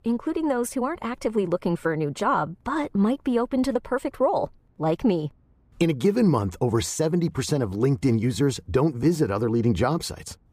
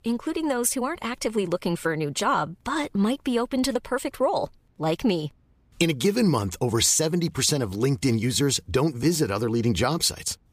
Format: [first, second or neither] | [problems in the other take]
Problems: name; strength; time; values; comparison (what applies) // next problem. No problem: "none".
second | muffled; slightly; fading above 2 kHz